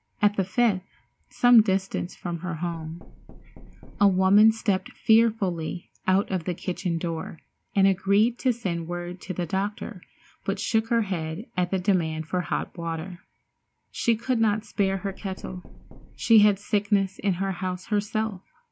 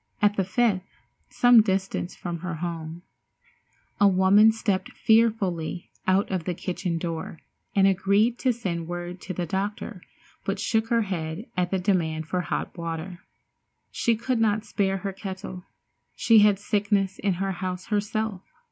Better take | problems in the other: second | background sound (Knock); 20 dB below the speech

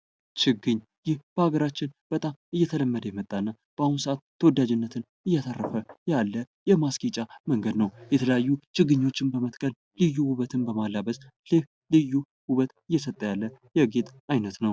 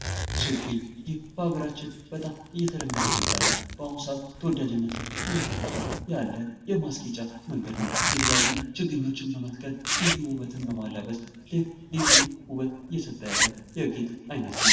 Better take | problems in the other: first | background sound (Zipper (clothing)); 2 dB above the speech // room echo; dies away in 1 s

